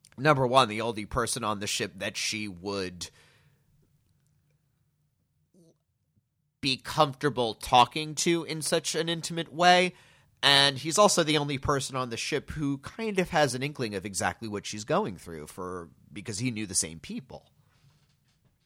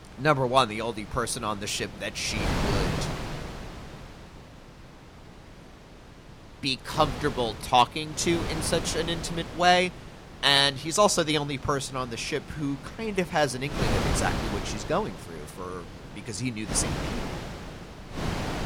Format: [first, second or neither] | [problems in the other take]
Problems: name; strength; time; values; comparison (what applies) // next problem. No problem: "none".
first | wind noise on the microphone; occasional gusts; 10 dB below the speech